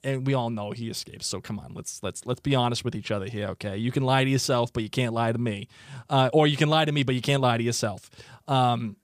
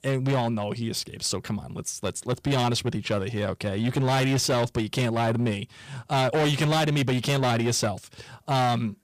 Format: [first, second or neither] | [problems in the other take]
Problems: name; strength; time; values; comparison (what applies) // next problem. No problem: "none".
first | distortion; heavy; 15% of the sound clipped